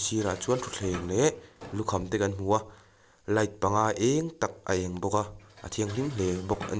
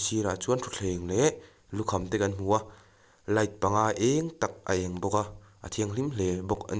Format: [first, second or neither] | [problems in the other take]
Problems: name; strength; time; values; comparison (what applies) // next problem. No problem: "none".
second | background sound (Dishes, pots, and pans); 19 dB below the speech